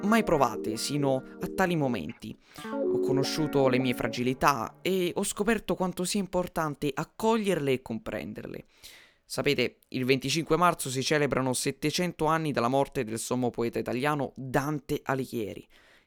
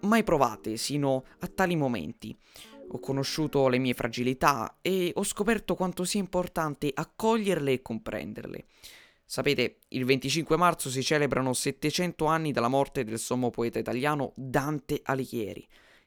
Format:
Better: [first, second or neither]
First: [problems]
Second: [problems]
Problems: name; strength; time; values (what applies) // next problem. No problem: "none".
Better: second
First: background music; loud; until 5 s; 7 dB below the speech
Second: background music; faint; until 5 s; 25 dB below the speech